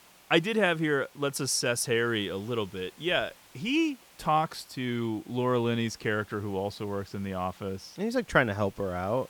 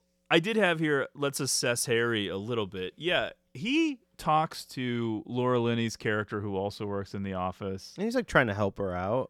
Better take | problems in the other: second | hiss; faint; throughout; 25 dB below the speech

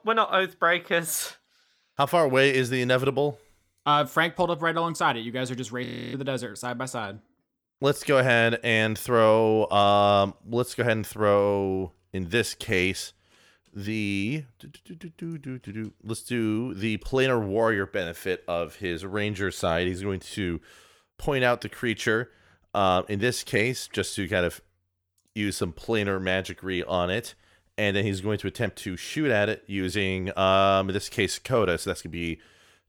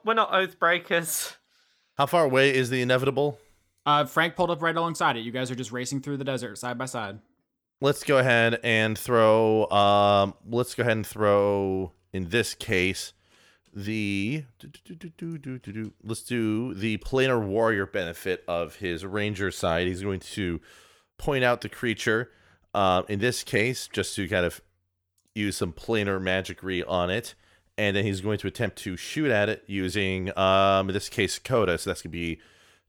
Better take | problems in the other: second | audio freezing; at 6 s

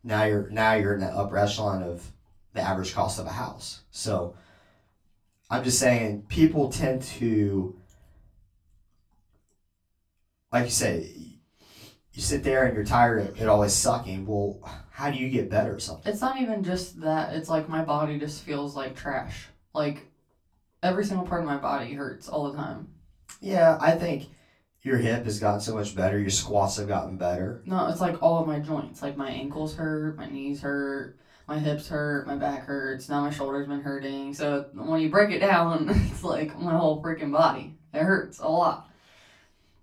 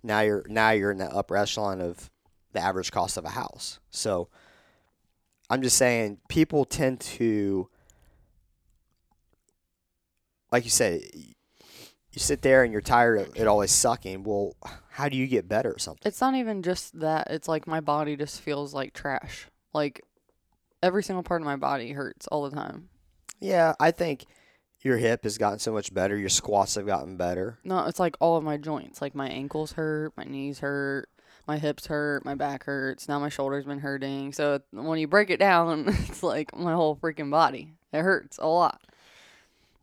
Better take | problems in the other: second | off-mic speech; far // room echo; very slight; dies away in 0.2 s

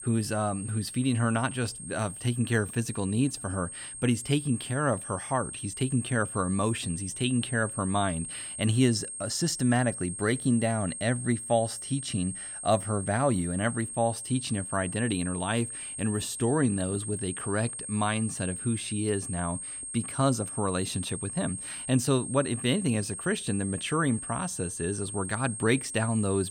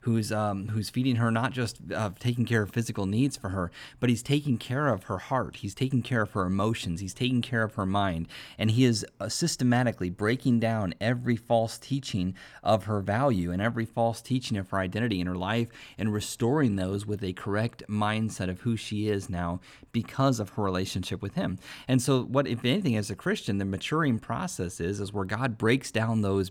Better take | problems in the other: second | high-pitched whine; loud; throughout; 8.5 kHz, 7 dB below the speech

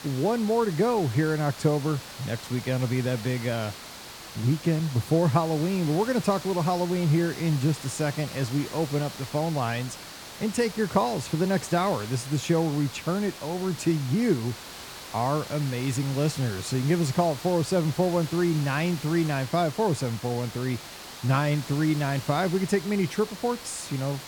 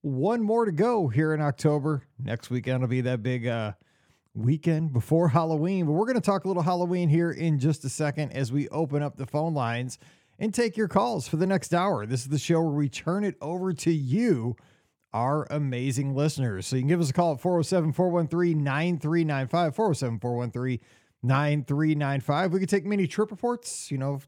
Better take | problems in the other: second | hiss; noticeable; throughout; 15 dB below the speech

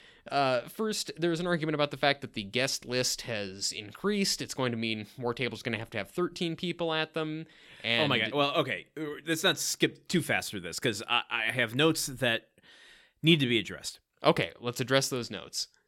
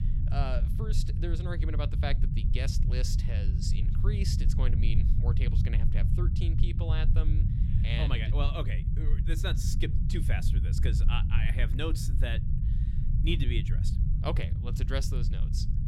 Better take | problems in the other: first | low rumble; loud; throughout; 5 dB below the speech

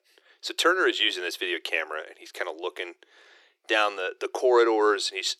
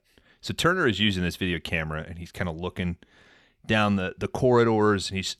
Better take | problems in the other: second | thin; very; fading below 350 Hz

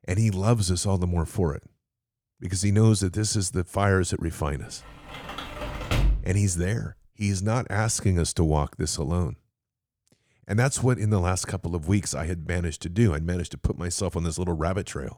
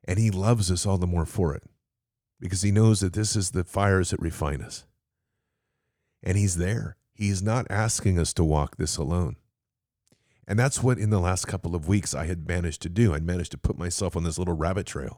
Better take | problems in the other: second | door banging; loud; from 5 to 6.5 s; peak level with the speech

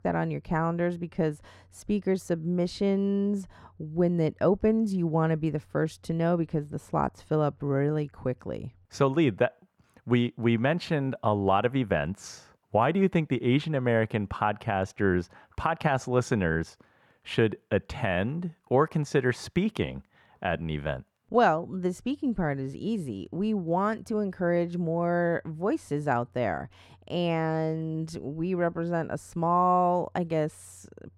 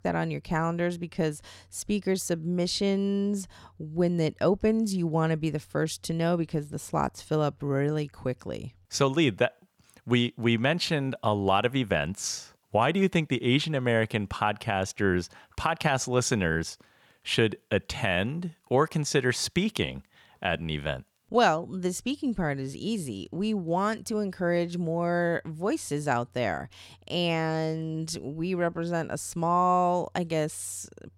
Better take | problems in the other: second | muffled; slightly; fading above 2.5 kHz

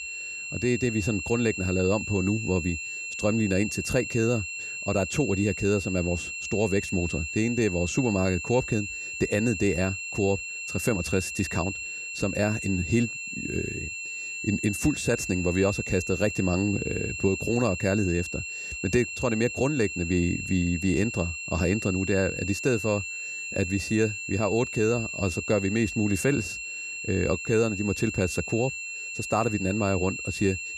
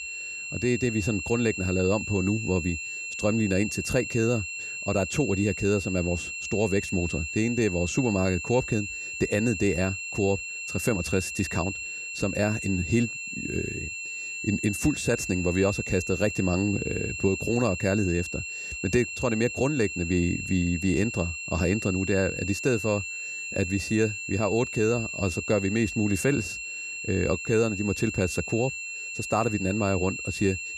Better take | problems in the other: neither | high-pitched whine; loud; throughout; 2.5 kHz, 5 dB below the speech; the same in both

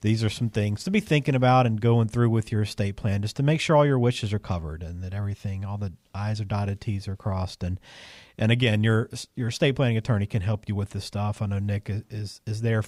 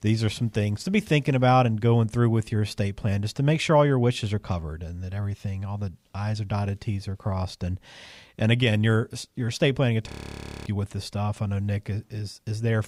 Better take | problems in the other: first | audio freezing; at 10 s for 0.5 s

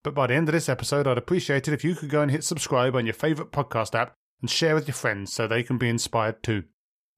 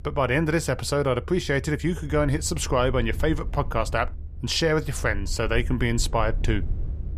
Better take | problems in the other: first | low rumble; faint; throughout; 25 dB below the speech

